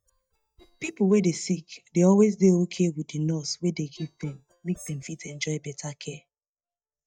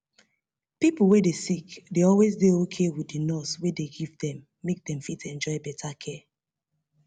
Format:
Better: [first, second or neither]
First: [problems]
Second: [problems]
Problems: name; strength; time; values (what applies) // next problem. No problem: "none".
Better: second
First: noise reduction (neural mask model DeepFilterNet 3)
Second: none